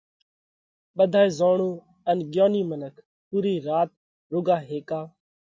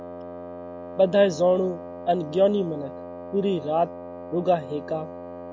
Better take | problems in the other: first | background sound (Wind instrument, woodwind instrument); 12 dB below the speech

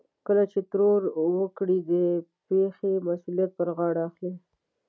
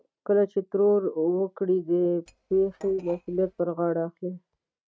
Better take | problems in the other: first | noise reduction (neural mask model RNNoise)

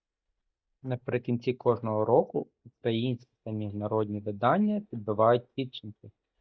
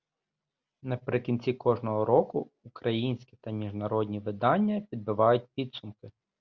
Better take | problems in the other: second | noise reduction (neural mask model DeepFilterNet 3)

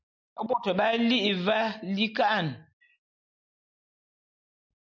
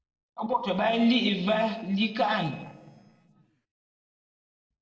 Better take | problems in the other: first | noise reduction (neural separator model SepFormer DNS4)

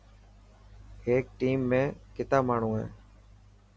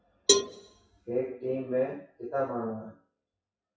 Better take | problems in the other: first | noise reduction (classical method WPE with log-MMSE)

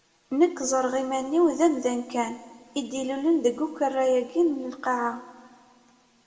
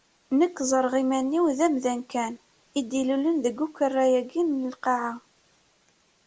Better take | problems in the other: second | room echo; dies away in 1.4 s

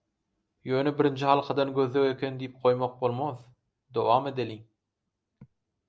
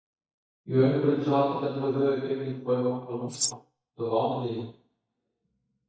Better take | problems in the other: first | noise reduction (neural mask model DeepFilterNet 3)

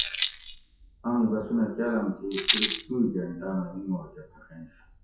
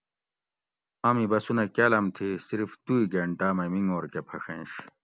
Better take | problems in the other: second | noise reduction (classical method WPE with log-MMSE)

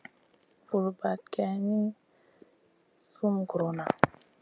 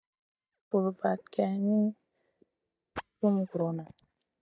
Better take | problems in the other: first | noise reduction (neural mask model DeepFilterNet 3)

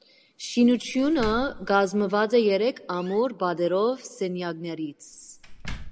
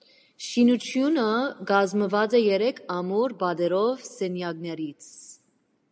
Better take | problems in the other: second | background sound (Slam); 16 dB below the speech

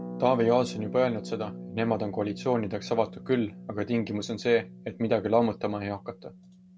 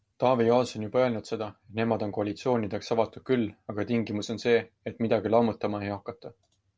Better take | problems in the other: second | background sound (Harp); 13 dB below the speech

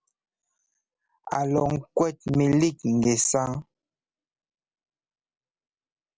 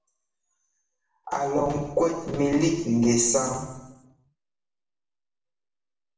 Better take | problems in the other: first | room echo; dies away in 0.9 s

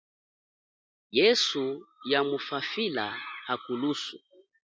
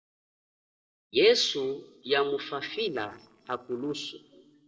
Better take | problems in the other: first | noise reduction (neural separator model SepFormer DNS4)

